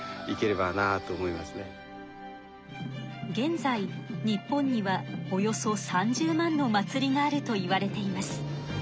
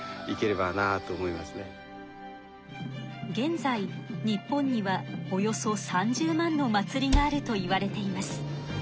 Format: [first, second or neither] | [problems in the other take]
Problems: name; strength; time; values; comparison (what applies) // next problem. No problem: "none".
first | background sound (Cupboard open or close); 1 dB below the speech